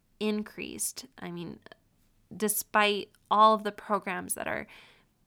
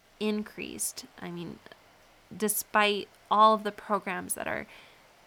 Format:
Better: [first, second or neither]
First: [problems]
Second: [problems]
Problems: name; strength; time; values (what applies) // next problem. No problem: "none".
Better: first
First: none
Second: rain or running water; faint; throughout; 30 dB below the speech